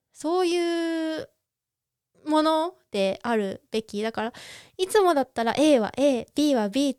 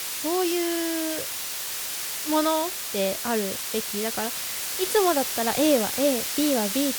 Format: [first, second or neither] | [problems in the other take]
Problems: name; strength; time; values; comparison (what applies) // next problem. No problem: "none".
first | hiss; loud; throughout; 2 dB below the speech